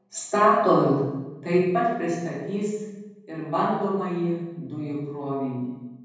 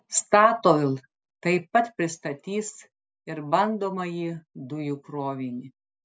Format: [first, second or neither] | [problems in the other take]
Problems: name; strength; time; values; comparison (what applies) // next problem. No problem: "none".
second | room echo; dies away in 1.3 s